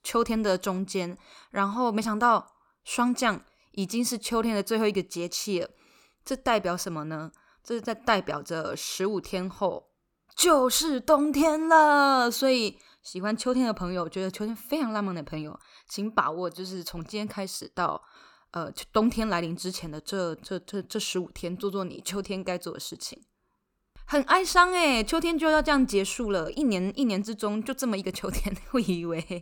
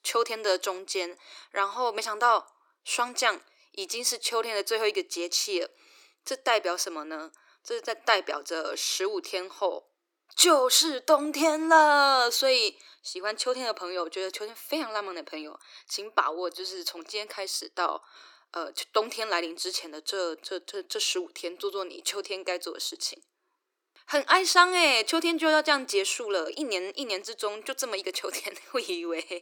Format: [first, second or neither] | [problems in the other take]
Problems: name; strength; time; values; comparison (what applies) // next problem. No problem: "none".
first | thin; very; fading below 300 Hz